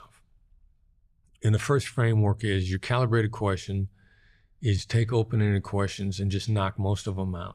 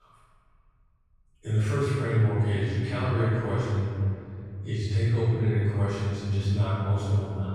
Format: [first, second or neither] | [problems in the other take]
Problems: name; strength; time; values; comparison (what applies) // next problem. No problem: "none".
first | off-mic speech; far // room echo; strong; dies away in 2.6 s